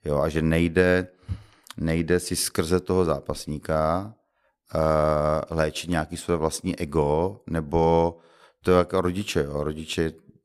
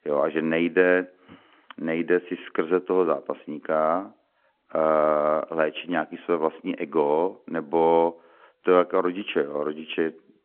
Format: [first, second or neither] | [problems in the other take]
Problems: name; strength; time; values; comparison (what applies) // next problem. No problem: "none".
first | phone-call audio